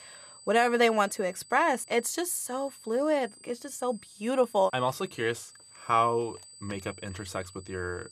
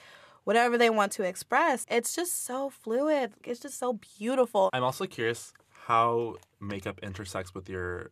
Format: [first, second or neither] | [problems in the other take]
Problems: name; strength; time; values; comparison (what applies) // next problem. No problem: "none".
second | high-pitched whine; faint; throughout; 8 kHz, 20 dB below the speech